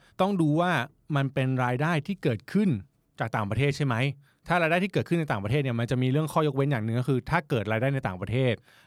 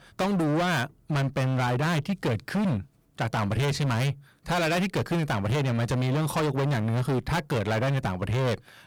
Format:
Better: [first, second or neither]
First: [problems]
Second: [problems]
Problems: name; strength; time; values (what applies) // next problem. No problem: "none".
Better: first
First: none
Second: distortion; heavy; 32% of the sound clipped